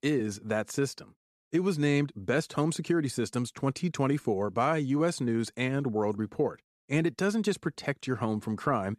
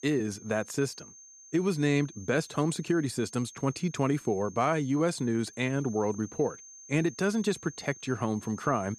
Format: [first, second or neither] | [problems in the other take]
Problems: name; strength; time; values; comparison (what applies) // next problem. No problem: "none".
first | high-pitched whine; noticeable; throughout; 6.5 kHz, 20 dB below the speech